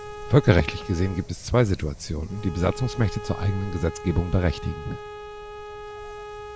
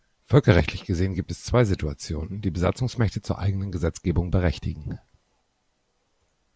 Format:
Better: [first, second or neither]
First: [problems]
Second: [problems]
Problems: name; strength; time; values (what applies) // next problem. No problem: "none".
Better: second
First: background sound (Bowed string instrument + Wind); 11 dB below the speech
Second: none